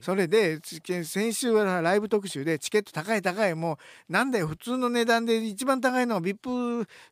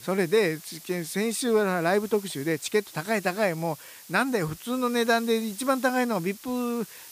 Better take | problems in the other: first | hiss; noticeable; throughout; 15 dB below the speech

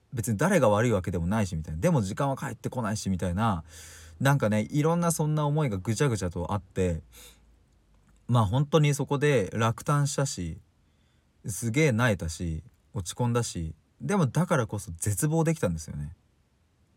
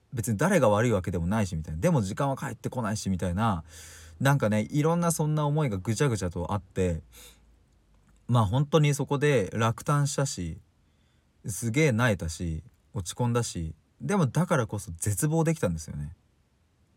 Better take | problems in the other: neither | none

